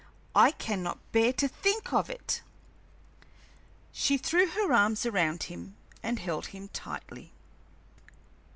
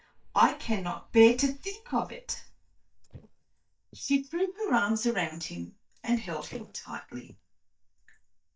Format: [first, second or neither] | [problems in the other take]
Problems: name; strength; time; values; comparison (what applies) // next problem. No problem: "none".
first | noise reduction (neural mask model DeepFilterNet 3)